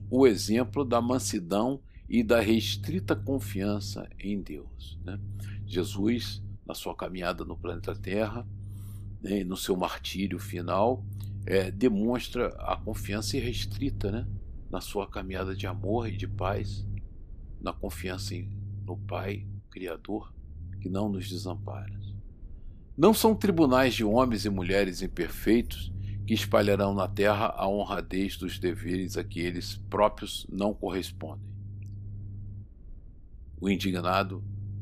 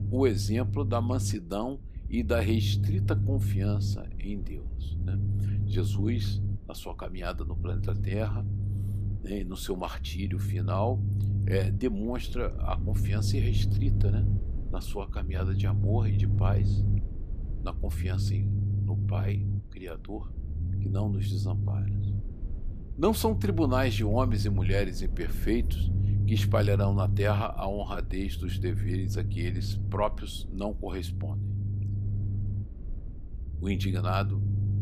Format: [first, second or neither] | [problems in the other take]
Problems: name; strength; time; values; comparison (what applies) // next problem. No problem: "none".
first | low rumble; loud; throughout; 9 dB below the speech; faint in the first